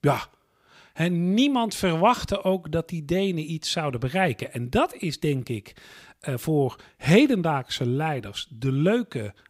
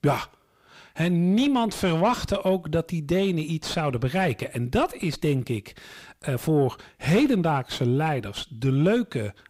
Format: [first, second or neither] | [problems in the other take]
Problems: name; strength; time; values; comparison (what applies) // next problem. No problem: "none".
first | distortion; slight; 10 dB below the speech